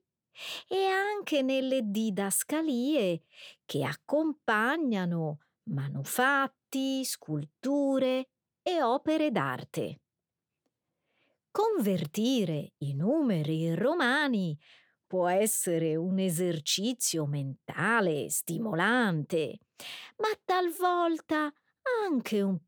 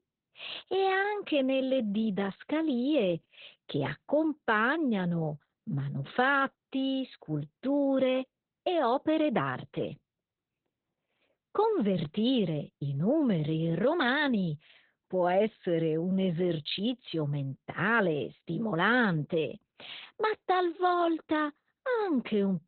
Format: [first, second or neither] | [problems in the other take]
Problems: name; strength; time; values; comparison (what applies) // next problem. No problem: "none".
first | garbled, watery; badly; nothing above 4 kHz